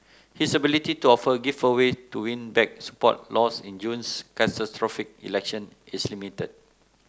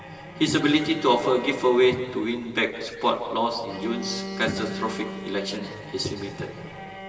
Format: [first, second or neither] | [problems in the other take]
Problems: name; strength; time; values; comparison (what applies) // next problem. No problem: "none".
first | background sound (Bowed string instrument); 12 dB below the speech // room echo; dies away in 2 s